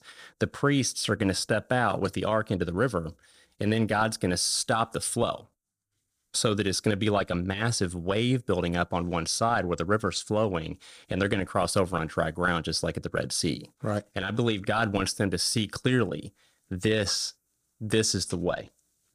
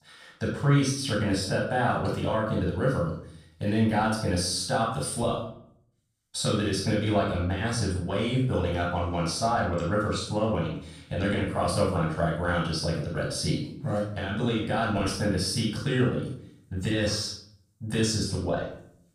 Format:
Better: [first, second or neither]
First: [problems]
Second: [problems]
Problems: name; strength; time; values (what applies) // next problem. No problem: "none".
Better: first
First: none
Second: off-mic speech; far // room echo; noticeable; dies away in 0.5 s